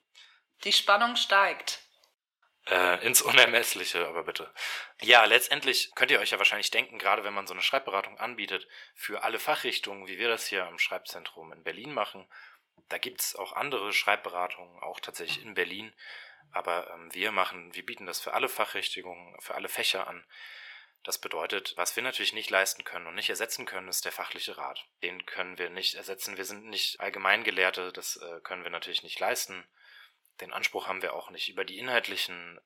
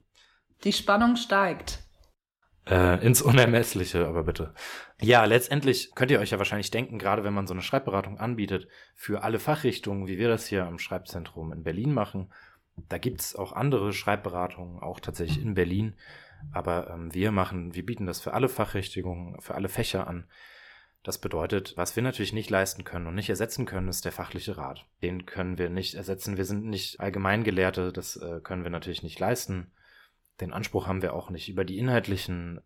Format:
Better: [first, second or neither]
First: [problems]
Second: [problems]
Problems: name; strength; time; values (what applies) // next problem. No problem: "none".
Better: second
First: thin; very; fading below 700 Hz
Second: none